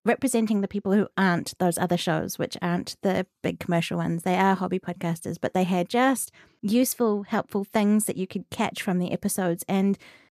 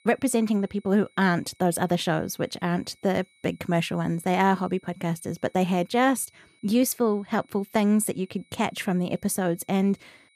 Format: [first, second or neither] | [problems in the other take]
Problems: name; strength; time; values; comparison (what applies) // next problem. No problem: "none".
first | high-pitched whine; faint; throughout; 2 kHz, 35 dB below the speech